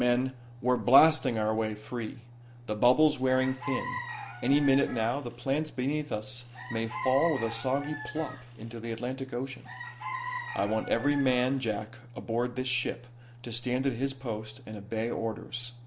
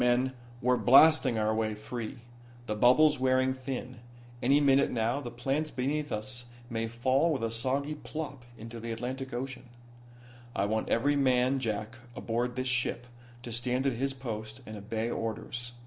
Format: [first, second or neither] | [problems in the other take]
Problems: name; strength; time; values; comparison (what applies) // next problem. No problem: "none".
second | background sound (Chicken, rooster); 10 dB below the speech